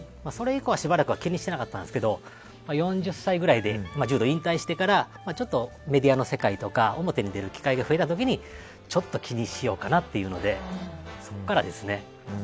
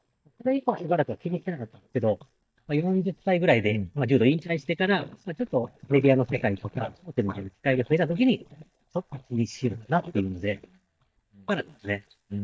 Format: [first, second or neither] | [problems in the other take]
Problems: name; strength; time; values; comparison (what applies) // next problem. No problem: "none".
first | noise reduction (neural mask model DeepFilterNet 3)